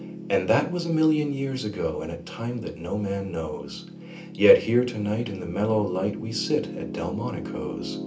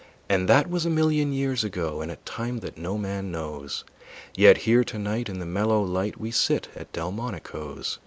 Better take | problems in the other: second | background sound (Piano); 11 dB below the speech // room echo; dies away in 0.3 s

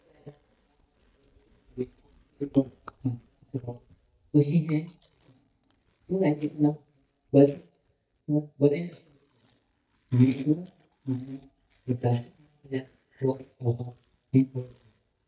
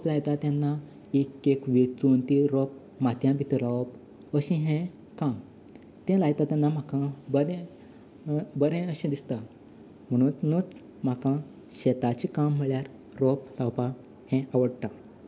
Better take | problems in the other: second | noise reduction (neural mask model DeepFilterNet 3)

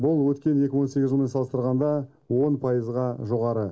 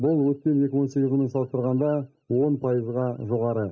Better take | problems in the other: first | noise reduction (neural mask model DeepFilterNet 3)

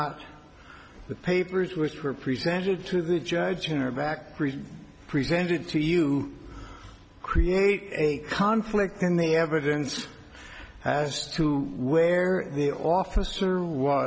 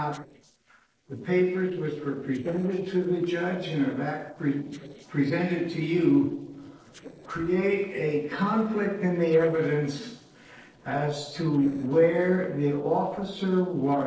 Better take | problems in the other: first | noise reduction (neural separator model SepFormer DNS4)

